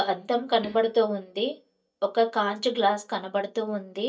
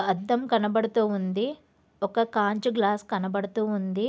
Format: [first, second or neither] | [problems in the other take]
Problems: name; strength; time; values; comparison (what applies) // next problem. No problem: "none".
second | noise reduction (neural mask model DeepFilterNet 3)